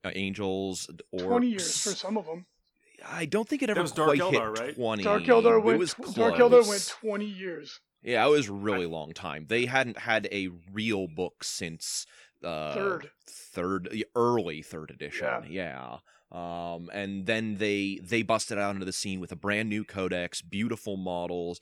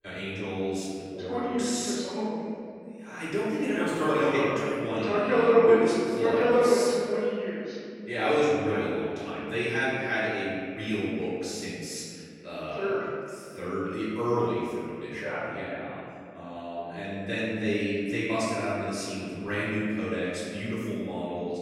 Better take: first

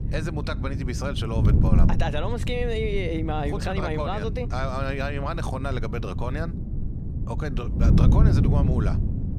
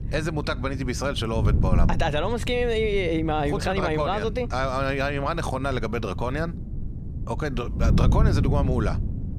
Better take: second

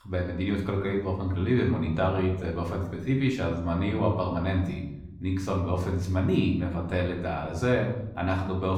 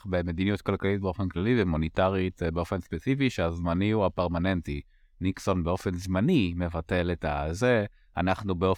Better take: second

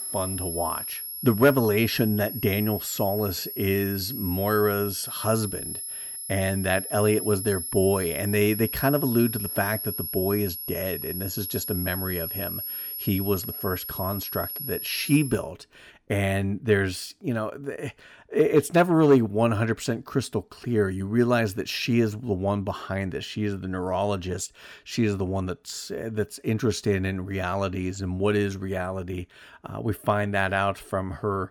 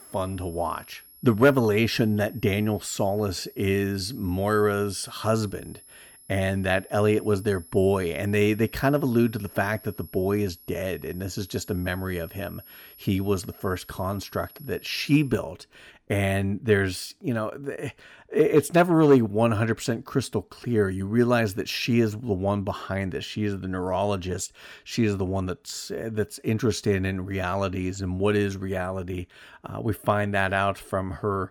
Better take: second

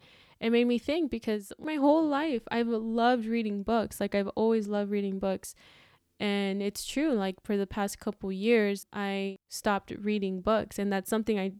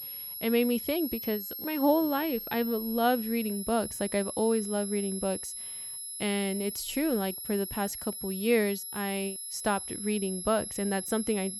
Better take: first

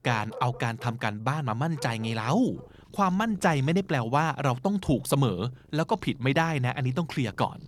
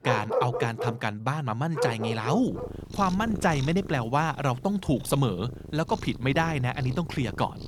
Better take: first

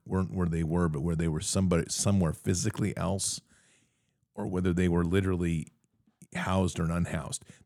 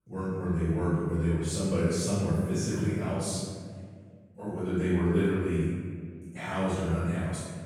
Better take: first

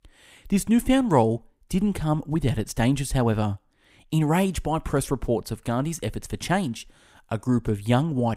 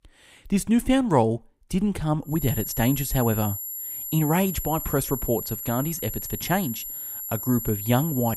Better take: first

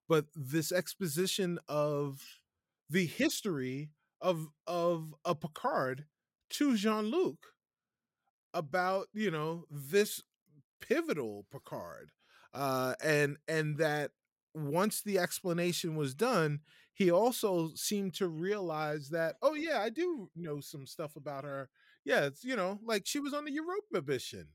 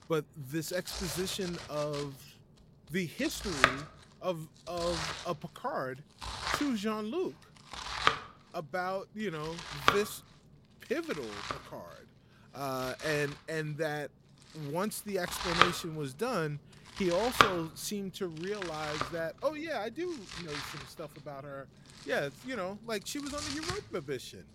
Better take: first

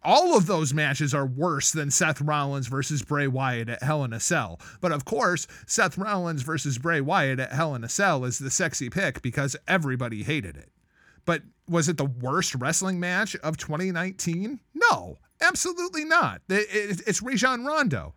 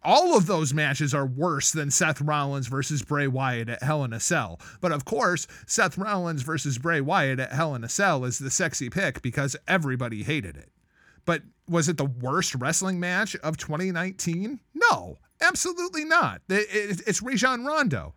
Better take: neither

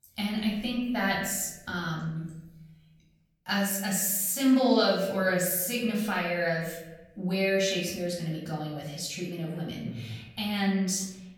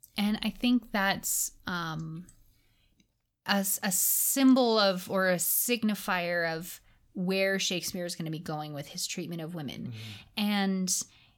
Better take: second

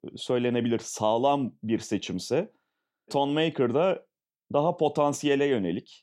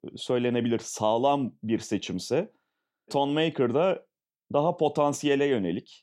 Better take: neither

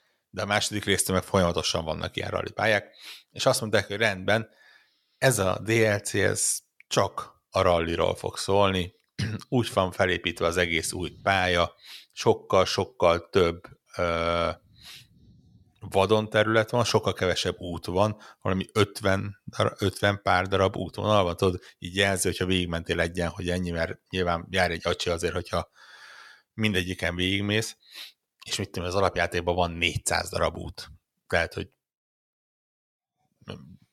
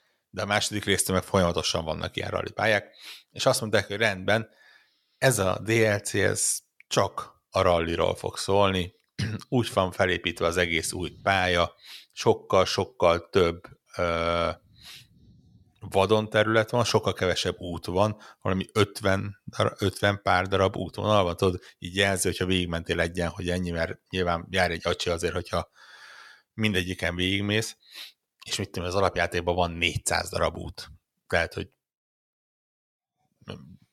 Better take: neither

